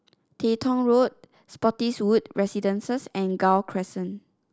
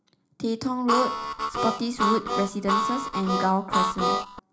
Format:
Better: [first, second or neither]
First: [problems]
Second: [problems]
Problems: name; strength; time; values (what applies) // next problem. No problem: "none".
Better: first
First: none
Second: background sound (Harmonica); 1 dB above the speech // room echo; dies away in 0.4 s